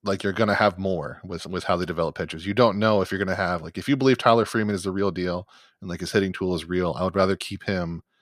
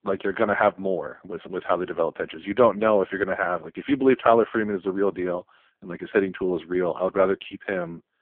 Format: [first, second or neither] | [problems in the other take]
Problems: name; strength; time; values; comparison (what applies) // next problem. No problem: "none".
first | phone-call audio; poor line